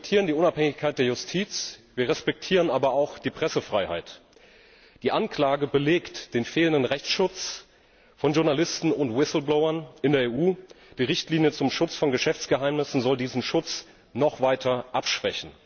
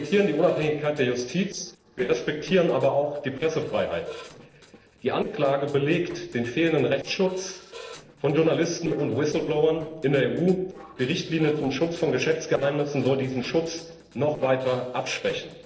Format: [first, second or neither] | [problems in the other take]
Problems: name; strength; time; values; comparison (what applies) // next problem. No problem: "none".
first | noise reduction (neural separator model SepFormer DNS4)